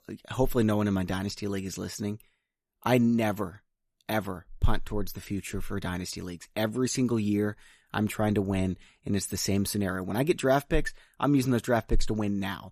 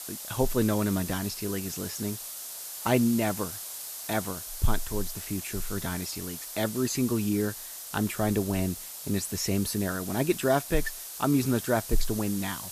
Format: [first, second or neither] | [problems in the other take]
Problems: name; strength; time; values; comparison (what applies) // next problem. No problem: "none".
first | hiss; loud; throughout; 7 dB below the speech